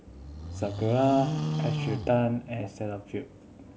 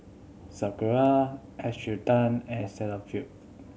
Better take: second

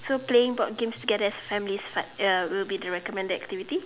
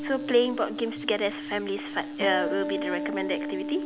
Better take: first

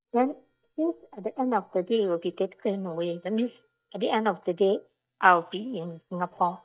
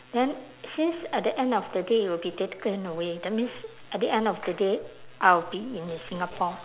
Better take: second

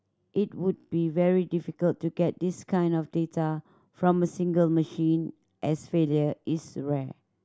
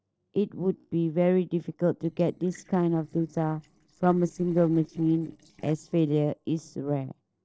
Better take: first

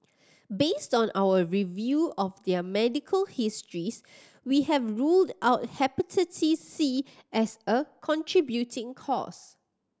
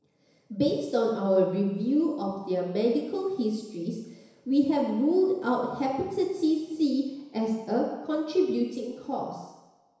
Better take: first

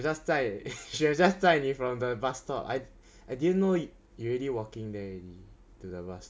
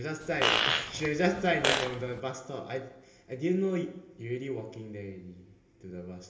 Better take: first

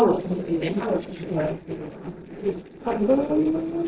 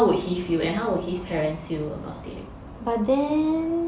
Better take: second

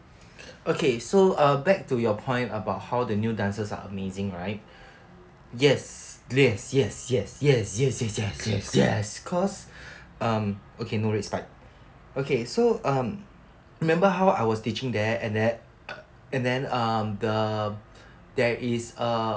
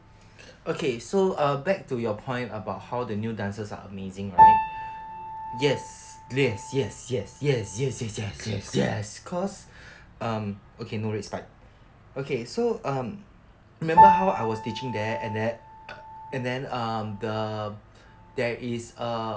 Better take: first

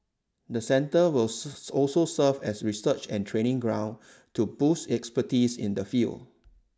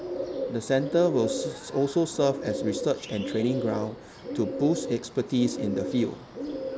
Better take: first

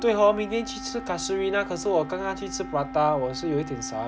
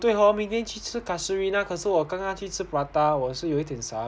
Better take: second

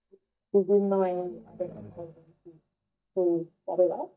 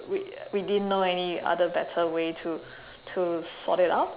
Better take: second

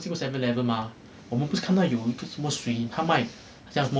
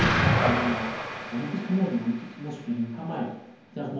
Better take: first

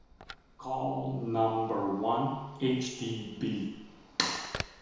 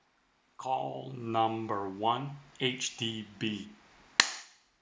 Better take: second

